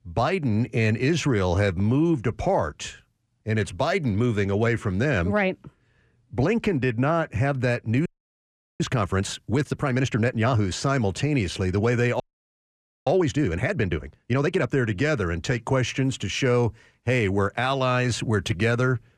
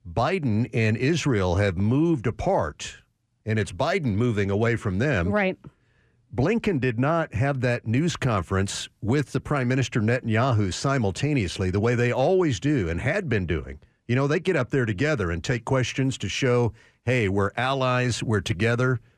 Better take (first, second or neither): second